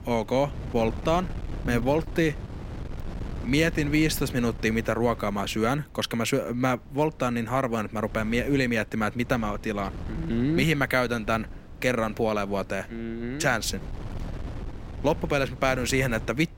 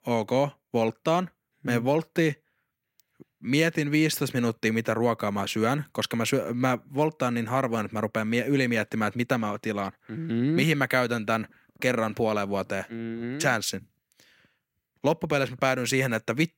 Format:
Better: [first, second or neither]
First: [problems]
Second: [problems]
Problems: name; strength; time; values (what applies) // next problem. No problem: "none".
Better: second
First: wind noise on the microphone; occasional gusts; 20 dB below the speech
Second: none